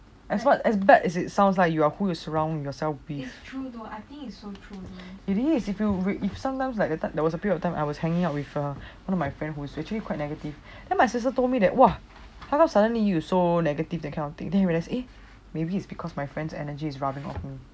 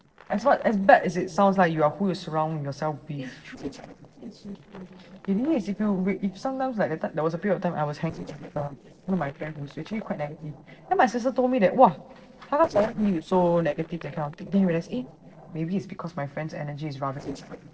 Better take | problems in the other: first | noise reduction (neural separator model SepFormer DNS4)

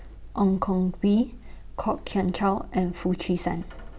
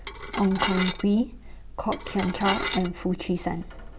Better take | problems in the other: first | background sound (Dishes, pots, and pans / Glass); 5 dB below the speech

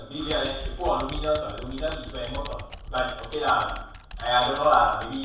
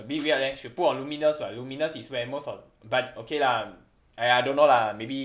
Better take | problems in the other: second | background sound (Computer keyboard); 10 dB below the speech // room echo; dies away in 0.7 s

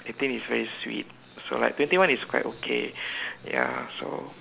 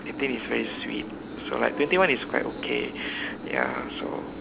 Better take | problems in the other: first | background sound (Engine); 8 dB below the speech

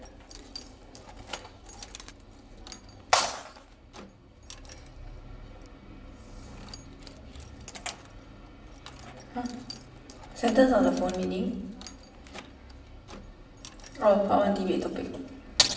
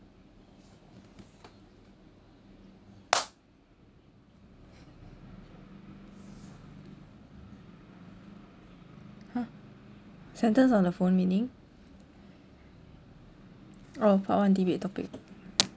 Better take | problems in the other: second | background sound (Keys jangling); 17 dB below the speech // room echo; dies away in 0.8 s

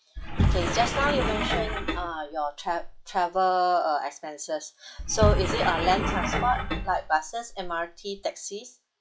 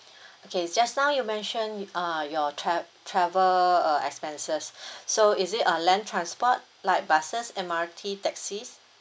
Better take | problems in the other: second | noise reduction (classical method log-MMSE)

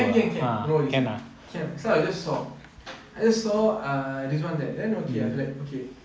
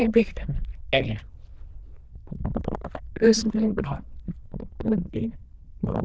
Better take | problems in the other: first | noise reduction (neural diffusion model UNIVERSE++)

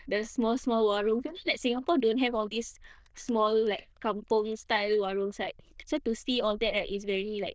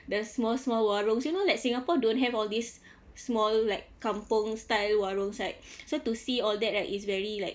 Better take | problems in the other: second | noise reduction (neural diffusion model UNIVERSE++)

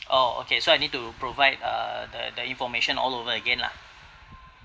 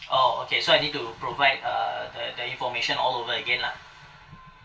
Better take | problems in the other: first | room echo; dies away in 0.2 s

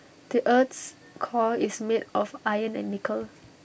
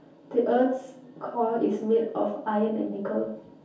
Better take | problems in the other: first | room echo; dies away in 0.6 s

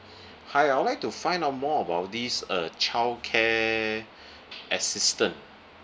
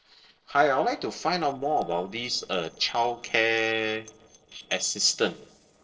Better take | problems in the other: first | noise reduction (neural separator model SepFormer DNS4)

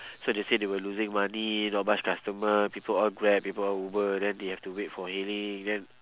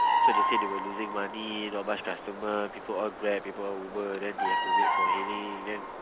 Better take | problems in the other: first | background sound (Bird vocalization, bird call, bird song); 4 dB above the speech

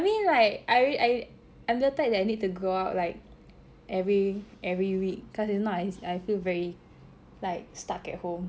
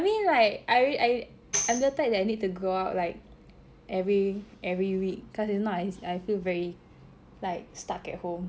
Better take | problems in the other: first | background sound (Tambourine); 7 dB below the speech

